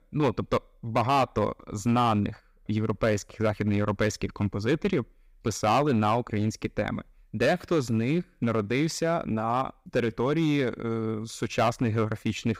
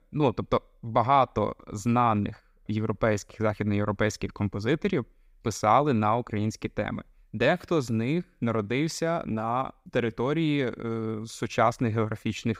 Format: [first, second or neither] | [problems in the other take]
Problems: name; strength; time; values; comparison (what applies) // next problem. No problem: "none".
second | distortion; slight; 4% of the sound clipped